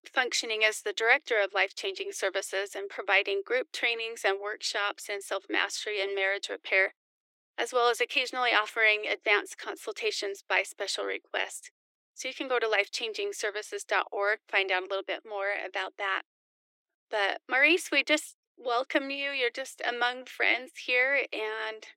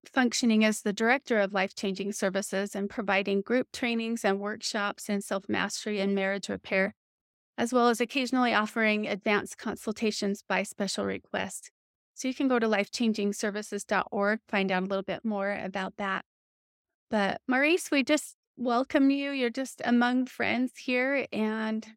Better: second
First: thin; very; fading below 300 Hz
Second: none

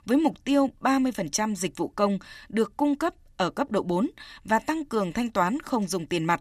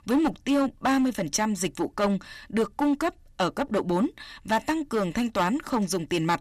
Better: first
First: none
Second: distortion; slight; 7% of the sound clipped

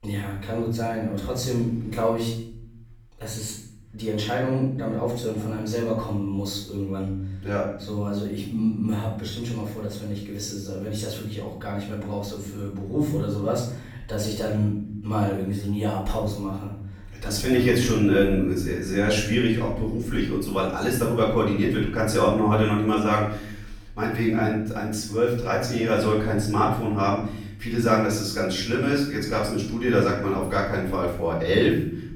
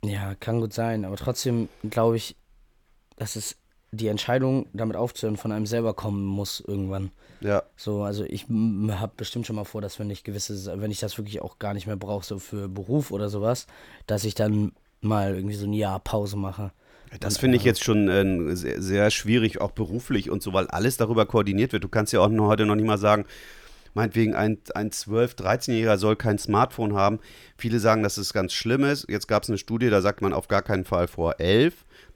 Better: second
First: room echo; noticeable; dies away in 0.7 s // off-mic speech; far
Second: none

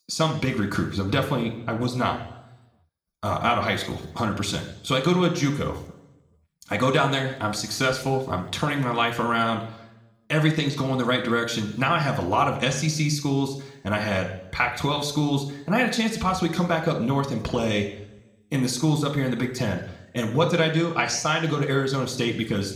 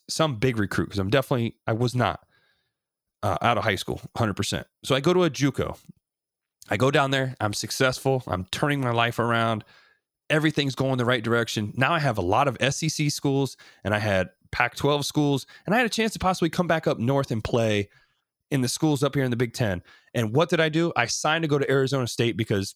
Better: second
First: room echo; slight; dies away in 0.7 s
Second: none

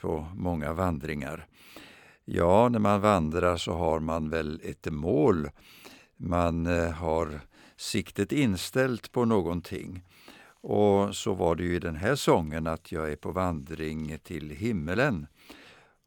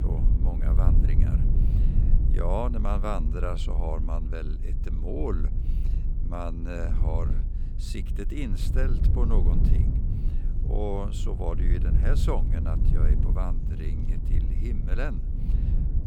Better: first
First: none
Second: low rumble; loud; throughout; 6 dB below the speech

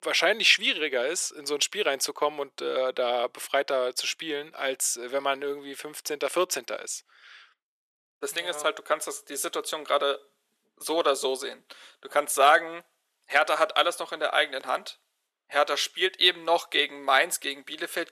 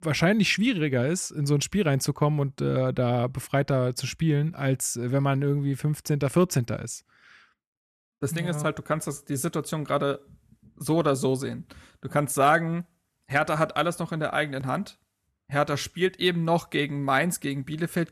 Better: second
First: thin; very; fading below 400 Hz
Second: none

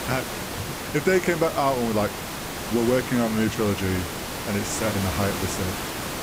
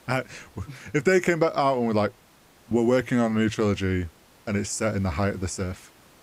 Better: second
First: hiss; loud; throughout; 5 dB below the speech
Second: hiss; faint; throughout; 30 dB below the speech

